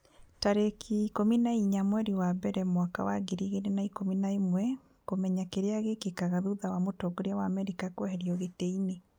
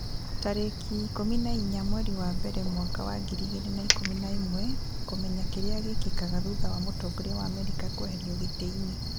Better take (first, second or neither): first